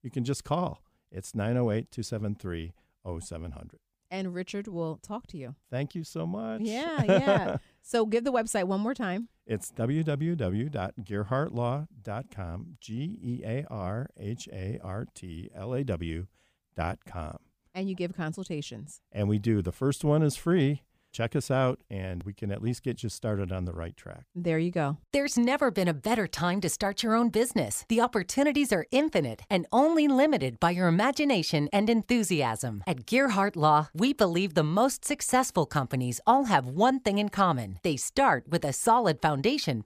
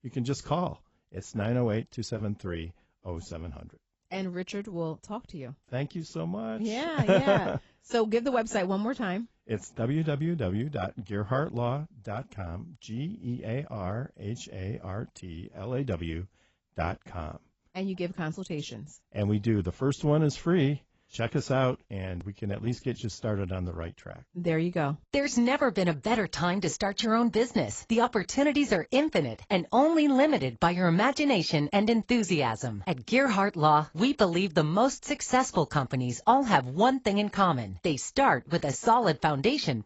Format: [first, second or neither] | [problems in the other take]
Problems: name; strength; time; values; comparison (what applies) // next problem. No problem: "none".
first | garbled, watery; badly; nothing above 7.5 kHz